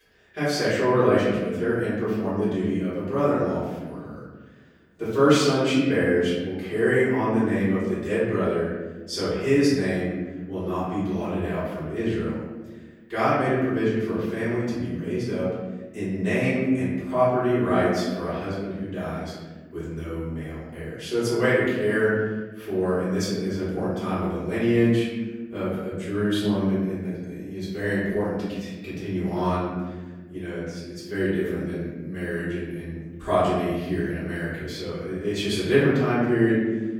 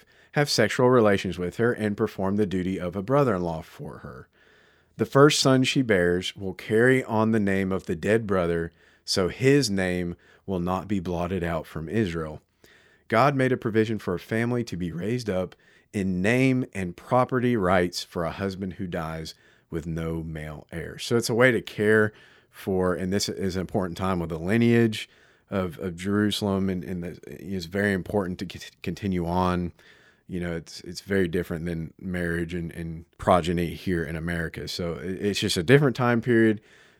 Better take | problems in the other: second | off-mic speech; far // room echo; noticeable; dies away in 1.3 s

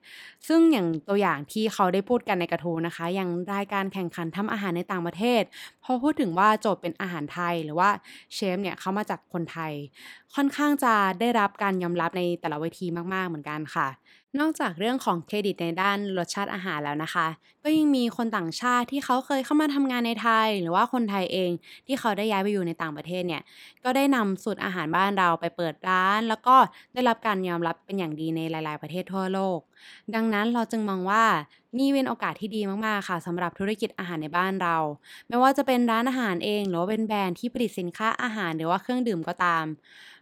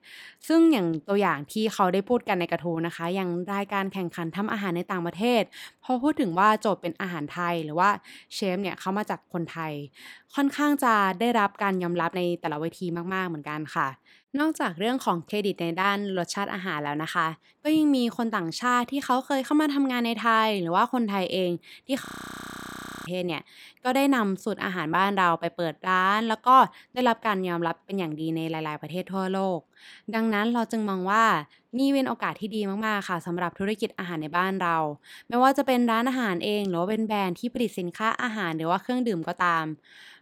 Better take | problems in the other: first | audio freezing; at 22 s for 1 s

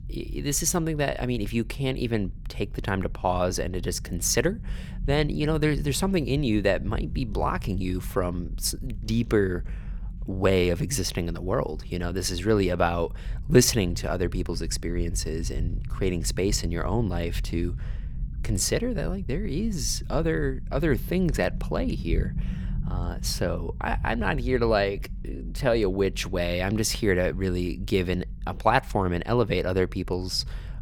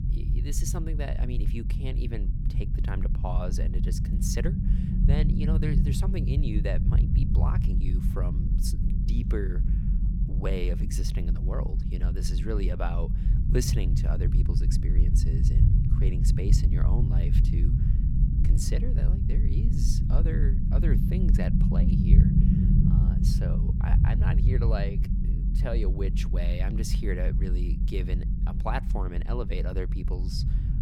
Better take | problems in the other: first | low rumble; loud; throughout; 1 dB below the speech; faint in the first

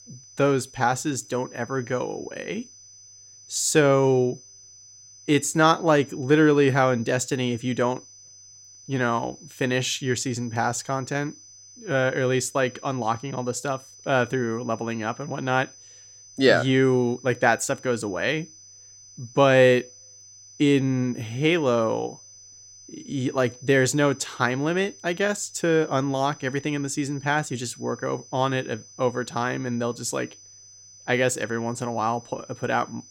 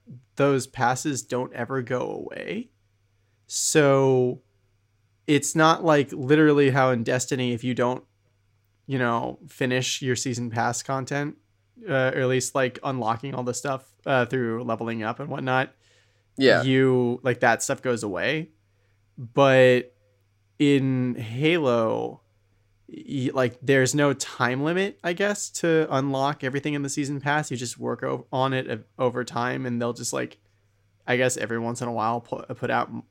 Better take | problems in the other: second | high-pitched whine; faint; throughout; 6 kHz, 20 dB below the speech

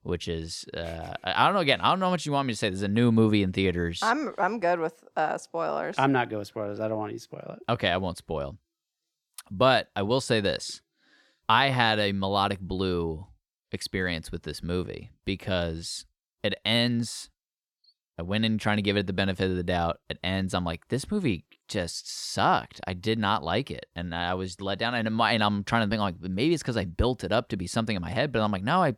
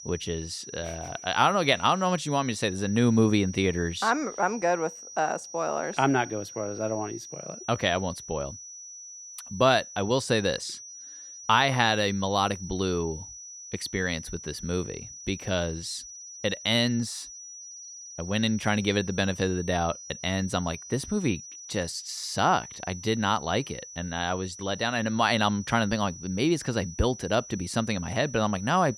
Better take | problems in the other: first | high-pitched whine; noticeable; throughout; 6 kHz, 15 dB below the speech

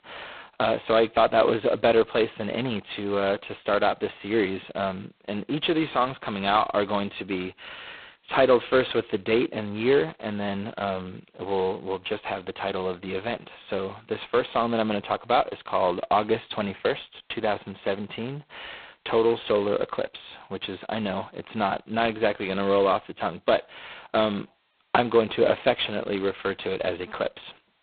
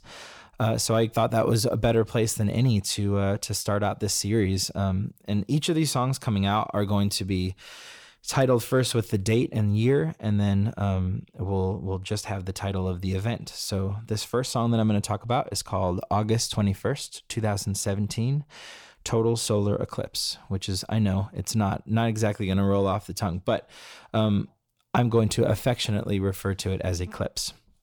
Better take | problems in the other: second | phone-call audio; poor line; nothing above 4 kHz

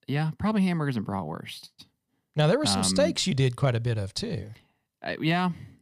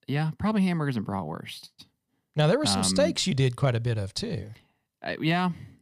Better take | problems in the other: neither | none

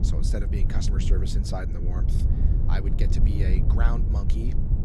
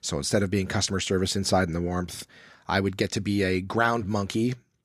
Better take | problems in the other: second | low rumble; loud; throughout; 2 dB below the speech

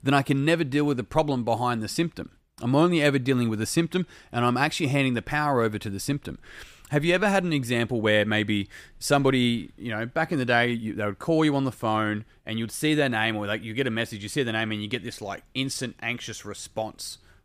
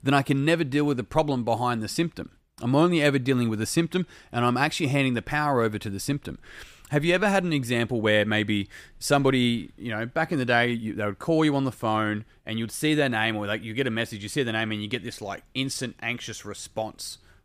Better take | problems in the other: neither | none

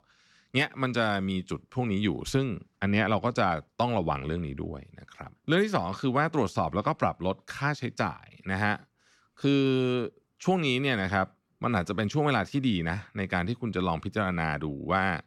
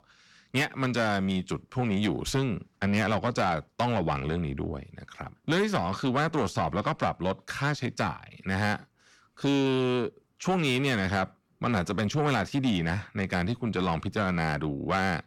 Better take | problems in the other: first | distortion; slight; 10 dB below the speech

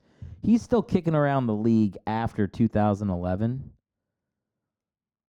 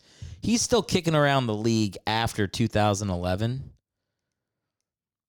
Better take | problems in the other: second | muffled; very; fading above 2.5 kHz

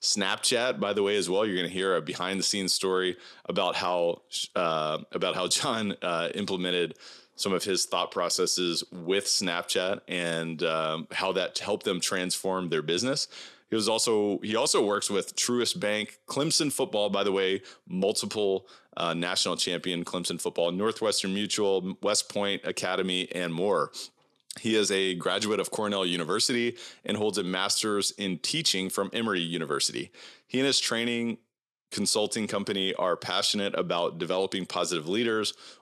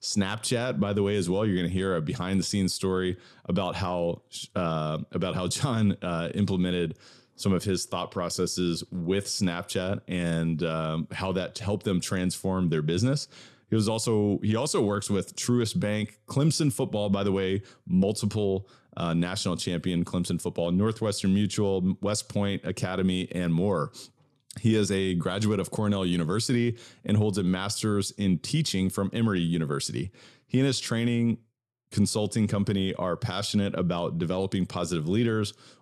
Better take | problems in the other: second | thin; somewhat; fading below 350 Hz

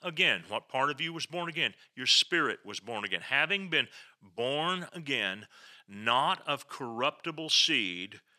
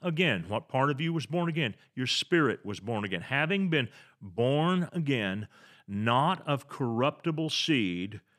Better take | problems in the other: second | thin; somewhat; fading below 900 Hz

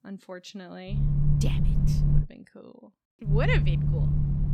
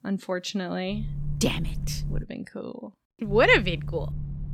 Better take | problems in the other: second | low rumble; loud; from 1 to 2 s and from 3.5 s on; 2 dB below the speech; faint in the second

